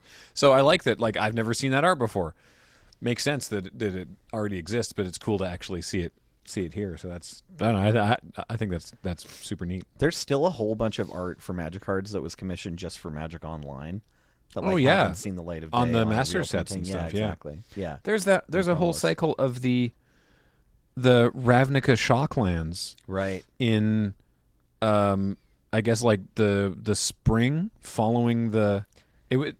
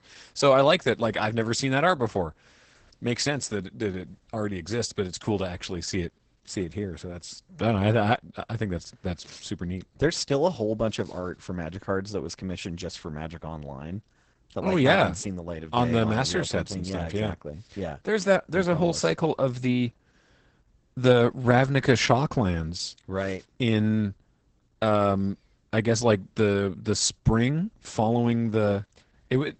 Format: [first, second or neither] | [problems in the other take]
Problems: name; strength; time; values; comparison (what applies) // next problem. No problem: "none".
first | garbled, watery; badly; nothing above 8 kHz; slightly in the first